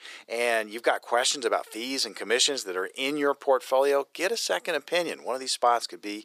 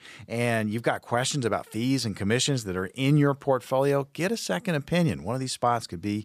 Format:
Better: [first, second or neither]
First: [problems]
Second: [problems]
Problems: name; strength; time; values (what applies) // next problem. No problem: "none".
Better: second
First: thin; very; fading below 350 Hz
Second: none